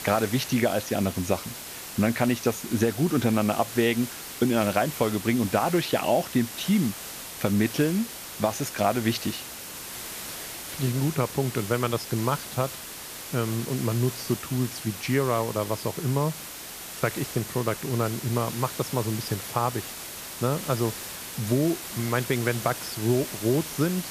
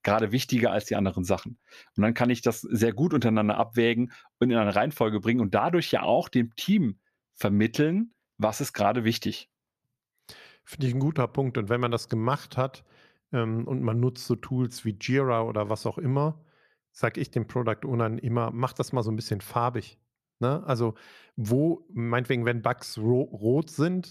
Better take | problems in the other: second | hiss; loud; throughout; 9 dB below the speech

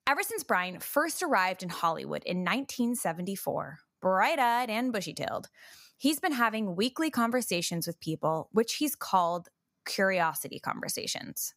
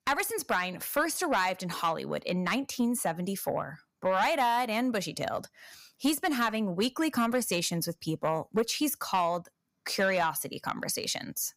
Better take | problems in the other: first | distortion; slight; 10 dB below the speech

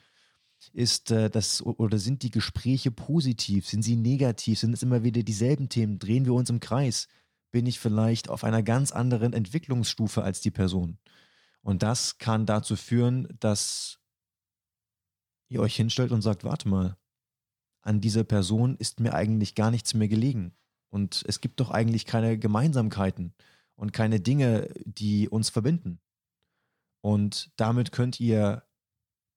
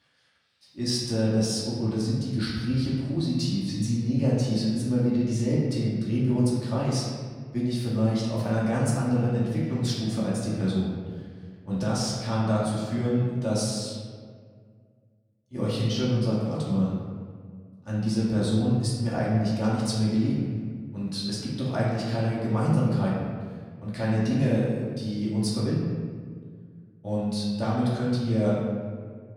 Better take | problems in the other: first | off-mic speech; far // room echo; noticeable; dies away in 1.6 s

